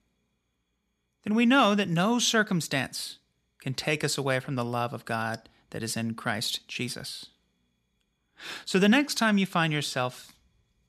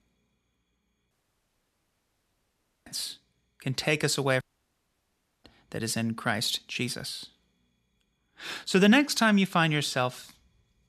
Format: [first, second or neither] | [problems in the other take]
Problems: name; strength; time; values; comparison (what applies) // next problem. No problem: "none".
first | audio cutting out; at 1 s for 1.5 s and at 4.5 s for 1 s